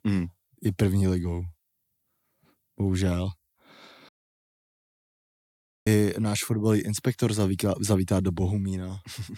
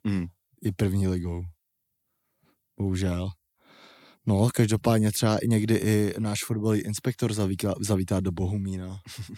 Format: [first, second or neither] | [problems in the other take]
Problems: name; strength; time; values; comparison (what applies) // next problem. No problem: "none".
second | audio cutting out; at 4 s for 2 s